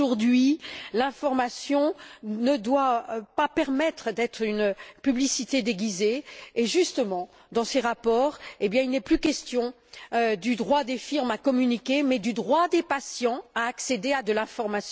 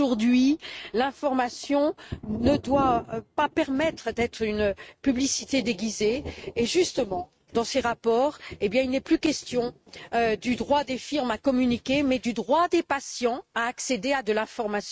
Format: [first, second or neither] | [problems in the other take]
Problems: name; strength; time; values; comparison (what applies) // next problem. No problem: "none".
first | noise reduction (neural mask model RNNoise)